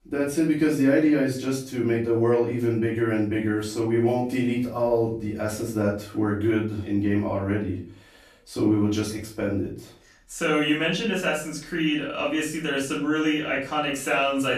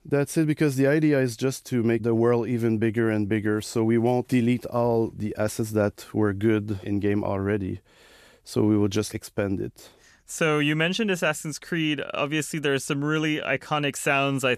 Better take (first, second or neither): second